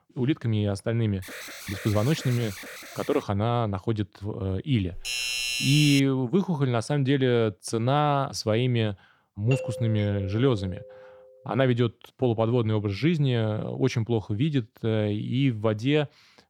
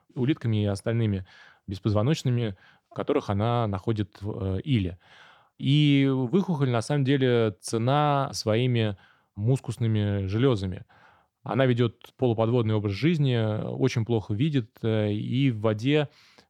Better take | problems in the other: second | alarm; faint; from 1 to 3 s; peak 10 dB below the speech // doorbell; loud; from 5 to 6 s; peak level with the speech // doorbell; noticeable; from 9.5 to 11 s; peak 8 dB below the speech

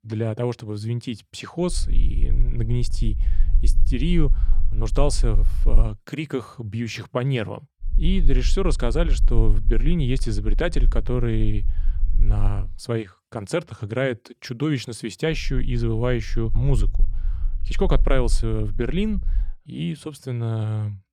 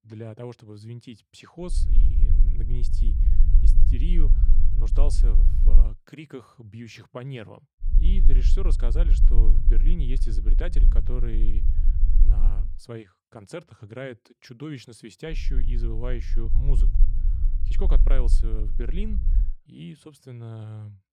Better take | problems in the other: first | low rumble; loud; from 1.5 to 6 s, from 8 to 13 s and from 15 to 19 s; 7 dB below the speech; faint in the first

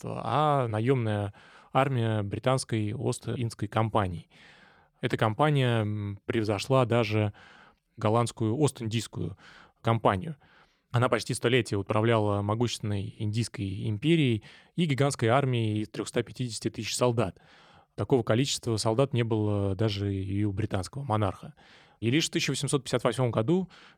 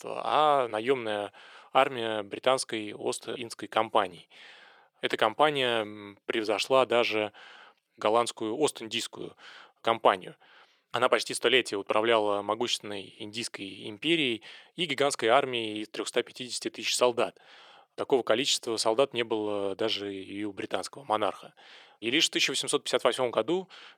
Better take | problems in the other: first | thin; very; fading below 450 Hz

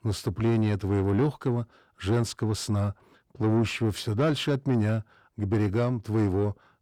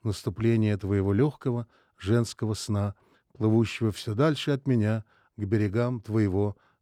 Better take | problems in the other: second | distortion; slight; 10 dB below the speech

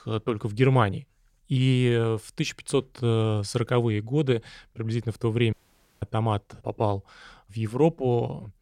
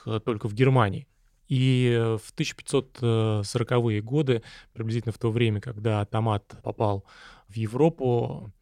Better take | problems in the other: second | audio cutting out; at 5.5 s

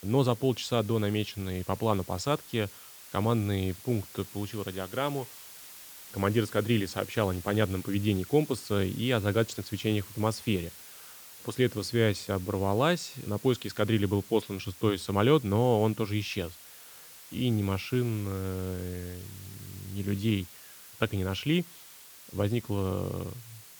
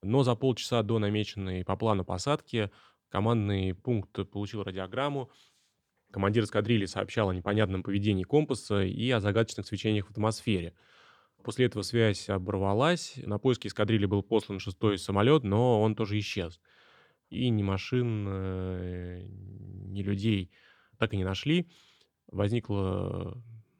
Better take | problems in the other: second | hiss; noticeable; throughout; 15 dB below the speech

